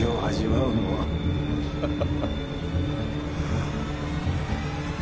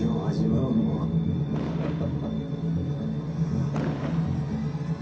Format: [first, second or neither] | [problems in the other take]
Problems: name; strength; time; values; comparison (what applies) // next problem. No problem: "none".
first | background sound (Fireworks); 13 dB below the speech // room echo; dies away in 0.3 s